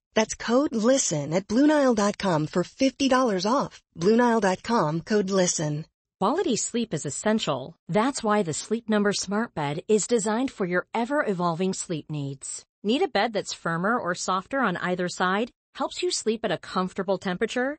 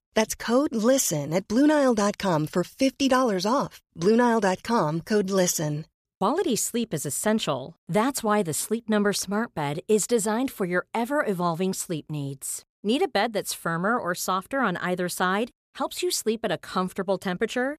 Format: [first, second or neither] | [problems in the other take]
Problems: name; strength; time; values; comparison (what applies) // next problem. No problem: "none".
second | garbled, watery; slightly; nothing above 8 kHz